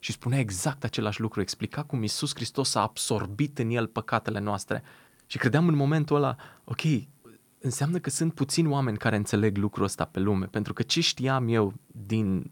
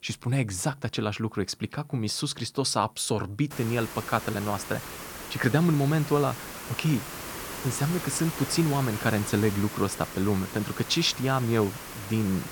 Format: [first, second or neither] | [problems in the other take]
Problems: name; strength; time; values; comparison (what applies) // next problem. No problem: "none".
first | hiss; loud; from 3.5 s on; 9 dB below the speech